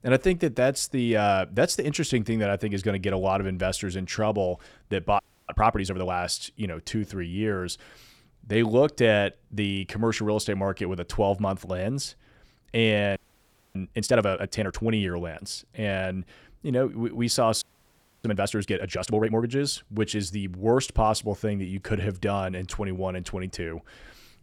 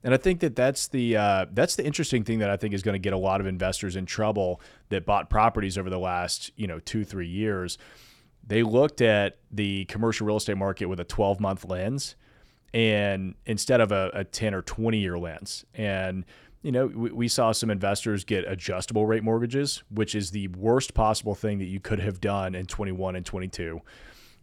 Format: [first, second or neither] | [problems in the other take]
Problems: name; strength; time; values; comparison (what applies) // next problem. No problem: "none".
second | audio freezing; at 5 s, at 13 s for 0.5 s and at 18 s for 0.5 s